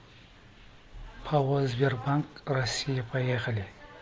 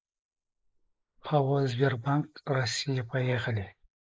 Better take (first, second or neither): first